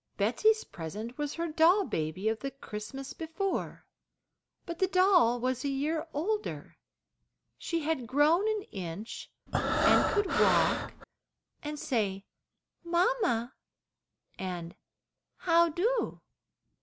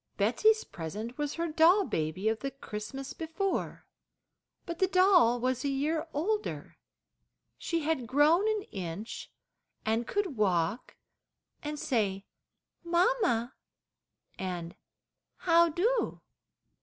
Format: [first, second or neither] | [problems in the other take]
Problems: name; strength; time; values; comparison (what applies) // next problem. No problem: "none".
second | background sound (Breathing); 2 dB above the speech